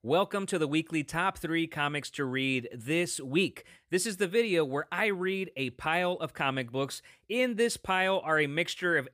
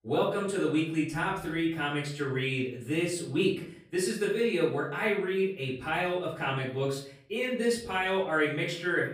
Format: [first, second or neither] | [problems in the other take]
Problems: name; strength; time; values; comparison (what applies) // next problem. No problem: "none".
first | off-mic speech; far // room echo; noticeable; dies away in 0.5 s